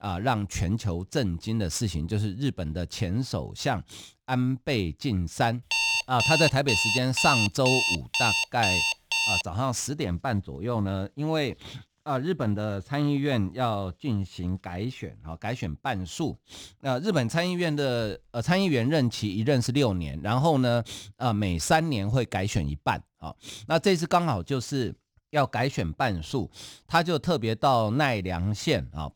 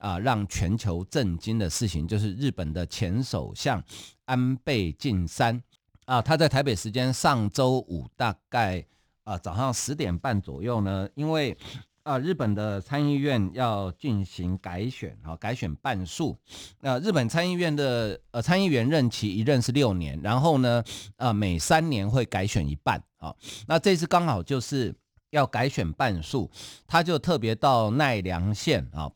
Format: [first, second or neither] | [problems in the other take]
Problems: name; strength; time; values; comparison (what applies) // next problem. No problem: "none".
second | alarm; loud; from 5.5 to 9.5 s; peak 4 dB above the speech